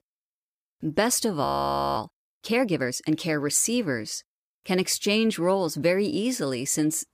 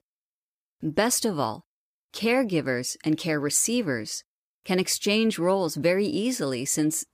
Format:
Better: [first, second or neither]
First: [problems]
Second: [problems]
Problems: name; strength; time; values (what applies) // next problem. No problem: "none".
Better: second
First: audio freezing; at 1.5 s for 0.5 s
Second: none